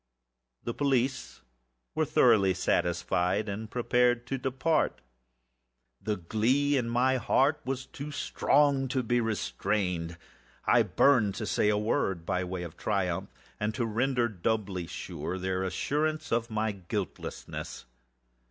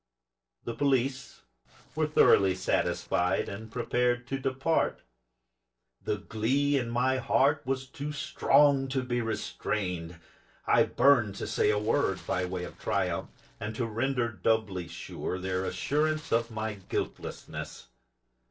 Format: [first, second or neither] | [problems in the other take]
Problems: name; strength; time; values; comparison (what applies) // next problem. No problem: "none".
first | noise reduction (neural separator model SepFormer DNS4)